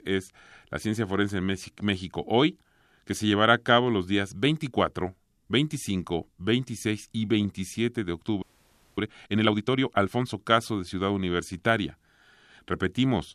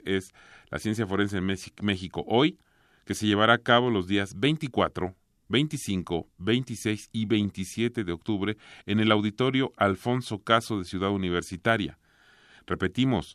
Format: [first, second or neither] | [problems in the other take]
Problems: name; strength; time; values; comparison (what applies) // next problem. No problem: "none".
second | audio freezing; at 8.5 s for 0.5 s